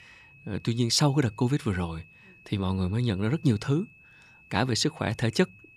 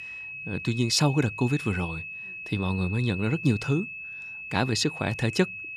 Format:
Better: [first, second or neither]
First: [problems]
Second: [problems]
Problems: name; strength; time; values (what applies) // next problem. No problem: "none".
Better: first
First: high-pitched whine; faint; throughout; 2.5 kHz, 25 dB below the speech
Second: high-pitched whine; loud; throughout; 2.5 kHz, 9 dB below the speech